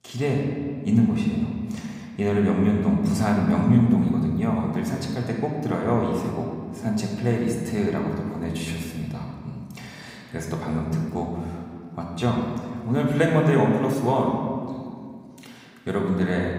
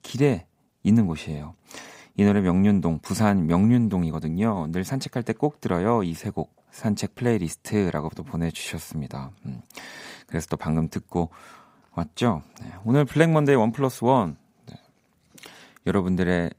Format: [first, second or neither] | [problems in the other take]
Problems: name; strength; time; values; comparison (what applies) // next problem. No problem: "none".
second | room echo; noticeable; dies away in 1.8 s // off-mic speech; somewhat distant